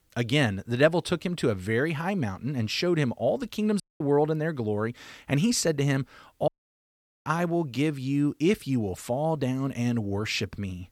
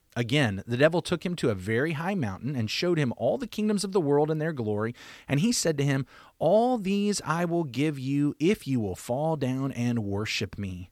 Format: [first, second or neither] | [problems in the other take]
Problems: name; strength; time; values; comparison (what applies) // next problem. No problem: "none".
second | audio cutting out; at 4 s and at 6.5 s for 1 s